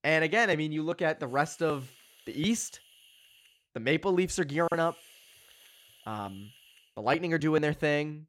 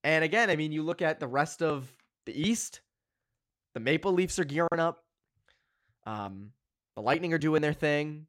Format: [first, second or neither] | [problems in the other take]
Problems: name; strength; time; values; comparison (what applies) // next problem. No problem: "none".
second | hiss; faint; from 1.5 to 3.5 s and from 4.5 to 7 s; 25 dB below the speech